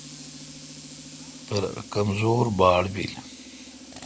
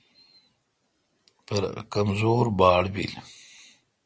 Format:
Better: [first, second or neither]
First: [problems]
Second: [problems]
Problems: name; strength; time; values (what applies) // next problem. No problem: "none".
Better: second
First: background sound (Tools); 16 dB below the speech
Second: none